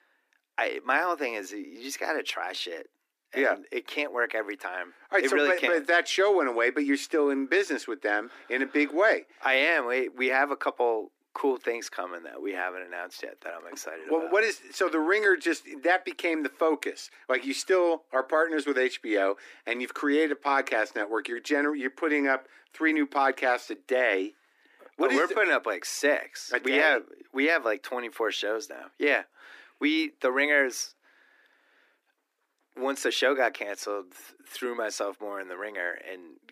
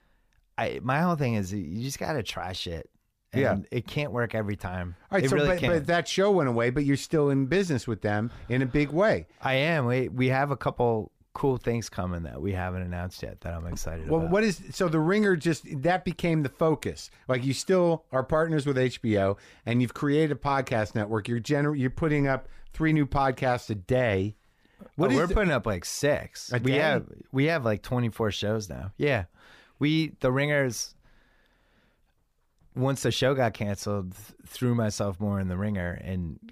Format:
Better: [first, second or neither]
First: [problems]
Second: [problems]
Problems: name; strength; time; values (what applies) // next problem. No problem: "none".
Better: second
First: thin; somewhat; fading below 300 Hz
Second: none